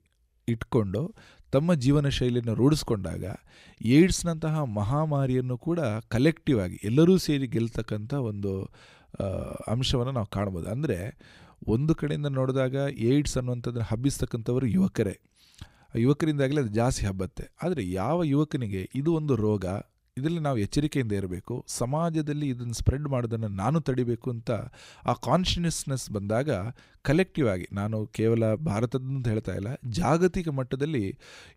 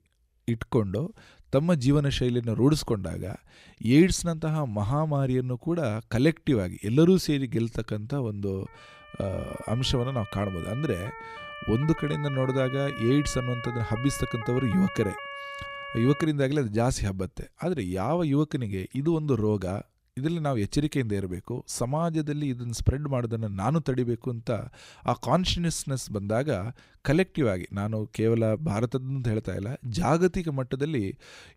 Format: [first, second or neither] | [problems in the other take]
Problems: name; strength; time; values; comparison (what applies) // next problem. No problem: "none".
first | siren; noticeable; from 8.5 to 16 s; peak 9 dB below the speech